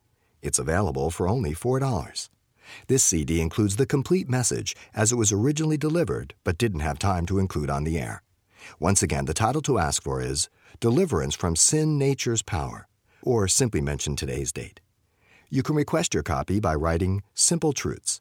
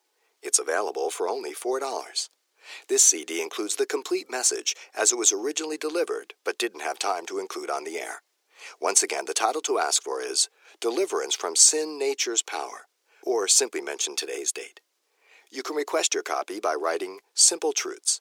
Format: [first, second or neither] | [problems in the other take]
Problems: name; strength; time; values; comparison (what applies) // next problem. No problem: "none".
first | thin; very; fading below 350 Hz